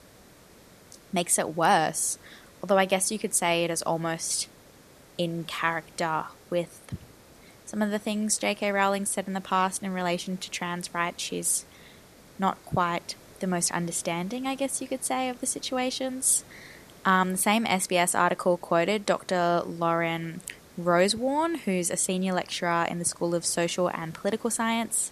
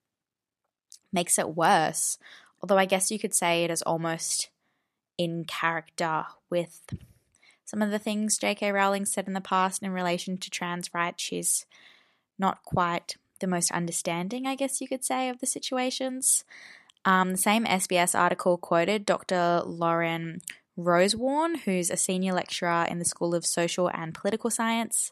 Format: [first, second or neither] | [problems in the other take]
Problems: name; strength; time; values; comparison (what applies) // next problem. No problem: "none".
second | hiss; faint; throughout; 25 dB below the speech